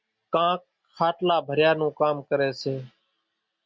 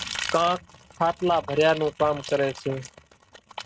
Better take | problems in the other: first | noise reduction (neural mask model RNNoise)

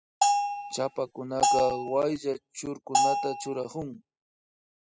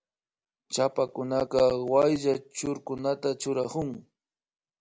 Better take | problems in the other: second | noise reduction (classical method spectral subtraction)

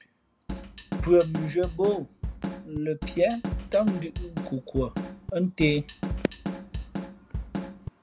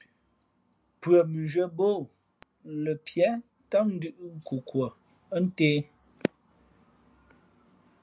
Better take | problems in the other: second | background sound (Drum kit); 6 dB below the speech

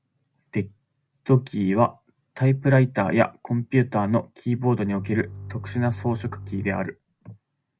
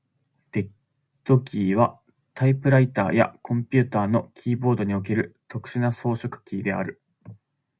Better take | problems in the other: second | background sound (Bowed string instrument); 13 dB below the speech

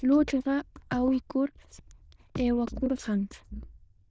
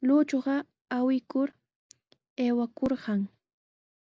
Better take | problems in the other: second | noise reduction (neural diffusion model UNIVERSE++)

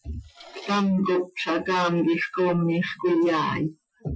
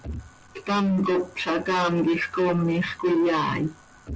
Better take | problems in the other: second | noise reduction (classical method Wiener filter)

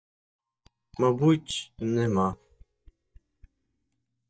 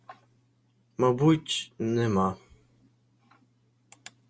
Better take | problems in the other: second | noise reduction (neural mask model DeepFilterNet 3)

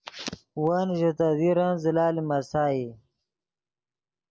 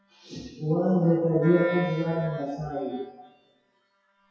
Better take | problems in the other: first | noise reduction (classical method WPE with log-MMSE)

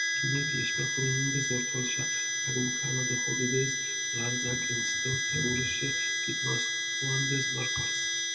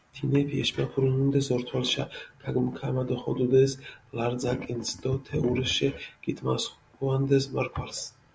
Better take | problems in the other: second | background sound (Harmonica); 5 dB above the speech // room echo; dies away in 1.9 s

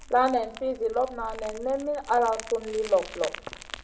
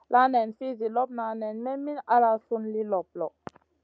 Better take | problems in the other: second | background sound (Crumpling, crinkling); 15 dB below the speech // room echo; dies away in 0.4 s

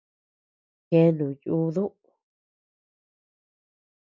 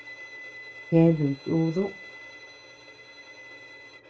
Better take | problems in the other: first | background sound (Bowed string instrument); 17 dB below the speech // room echo; dies away in 0.2 s

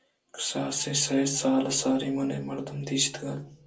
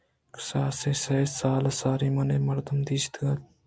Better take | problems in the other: second | room echo; dies away in 0.2 s

